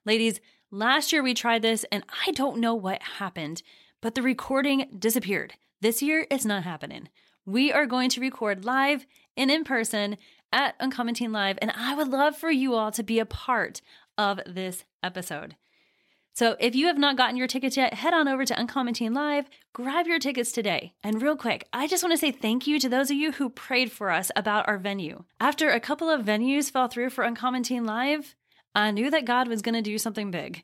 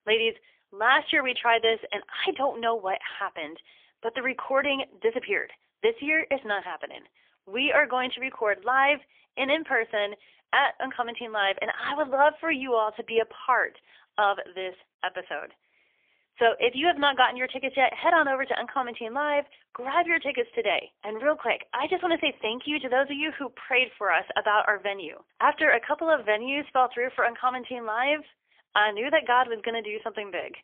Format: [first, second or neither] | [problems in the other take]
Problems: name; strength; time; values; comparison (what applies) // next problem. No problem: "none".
first | phone-call audio; poor line; nothing above 3.5 kHz